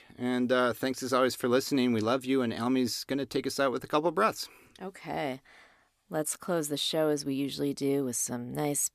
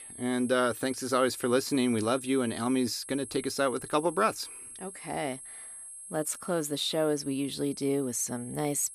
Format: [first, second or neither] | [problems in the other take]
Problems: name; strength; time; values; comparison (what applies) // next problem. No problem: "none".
first | high-pitched whine; noticeable; throughout; 10.5 kHz, 10 dB below the speech